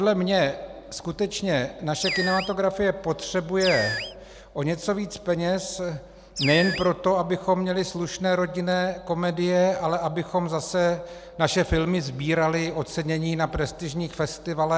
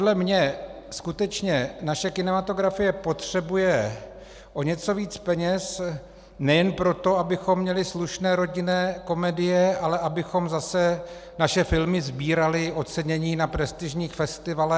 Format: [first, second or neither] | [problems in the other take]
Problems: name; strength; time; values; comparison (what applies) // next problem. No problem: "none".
second | background sound (Animal); 8 dB below the speech